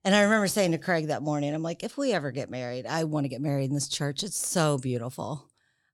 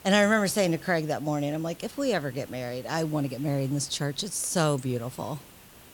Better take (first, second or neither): first